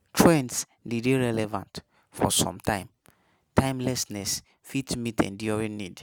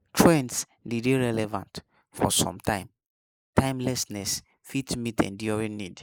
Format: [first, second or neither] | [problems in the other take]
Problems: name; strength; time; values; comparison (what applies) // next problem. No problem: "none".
first | noise reduction (neural mask model Resemble Enhance denoiser)